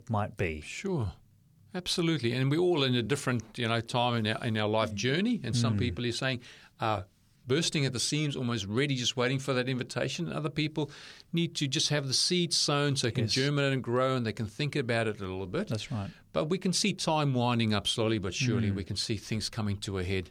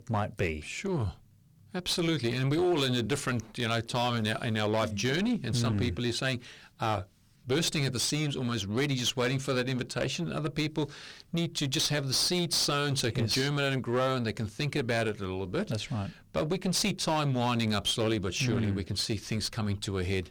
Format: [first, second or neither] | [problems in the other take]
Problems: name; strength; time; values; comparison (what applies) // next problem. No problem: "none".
first | distortion; slight; 11% of the sound clipped